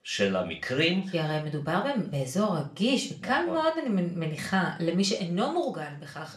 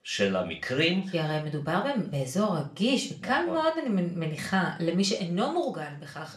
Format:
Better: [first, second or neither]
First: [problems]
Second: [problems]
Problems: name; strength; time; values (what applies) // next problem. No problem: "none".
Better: neither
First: room echo; very slight; dies away in 0.3 s // off-mic speech; somewhat distant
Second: room echo; very slight; dies away in 0.3 s // off-mic speech; somewhat distant